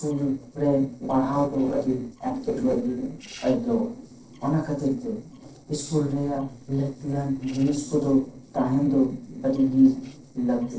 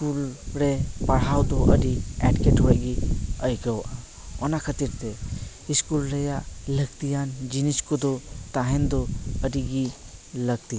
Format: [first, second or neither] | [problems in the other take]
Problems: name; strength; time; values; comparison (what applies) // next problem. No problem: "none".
second | noise reduction (neural separator model SepFormer DNS4)